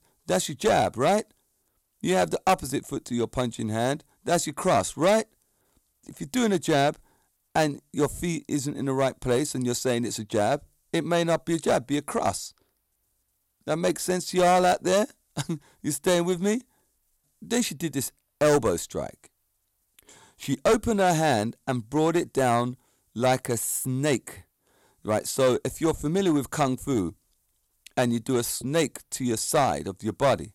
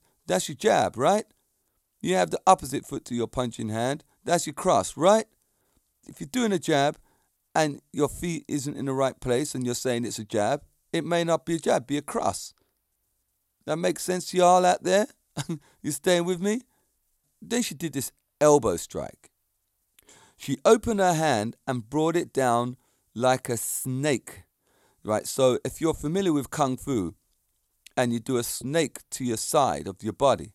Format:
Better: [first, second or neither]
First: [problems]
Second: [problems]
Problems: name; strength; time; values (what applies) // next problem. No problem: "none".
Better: second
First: distortion; slight; 4% of the sound clipped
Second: none